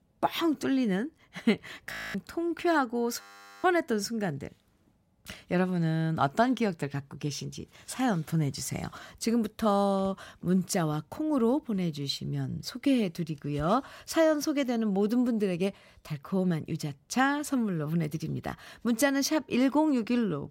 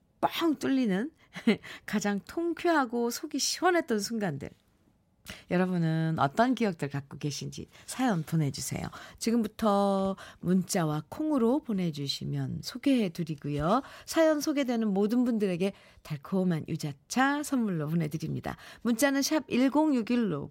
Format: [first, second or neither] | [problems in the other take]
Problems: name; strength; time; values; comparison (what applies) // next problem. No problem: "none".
second | audio freezing; at 2 s and at 3 s